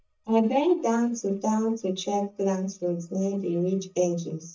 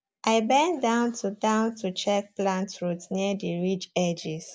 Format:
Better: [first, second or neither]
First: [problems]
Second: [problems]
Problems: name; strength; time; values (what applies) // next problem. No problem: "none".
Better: second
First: noise reduction (neural mask model DeepFilterNet 3)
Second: none